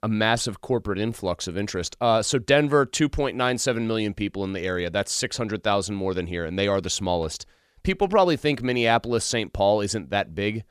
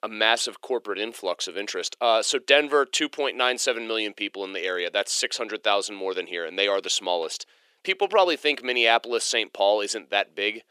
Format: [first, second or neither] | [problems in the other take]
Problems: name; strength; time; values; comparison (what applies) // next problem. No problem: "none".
first | thin; somewhat; fading below 350 Hz